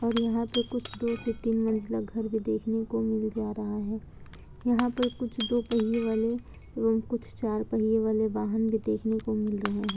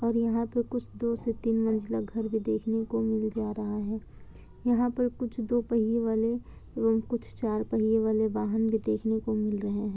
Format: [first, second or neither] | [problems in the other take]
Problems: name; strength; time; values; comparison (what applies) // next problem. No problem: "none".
second | background sound (Shatter / Crushing); 16 dB below the speech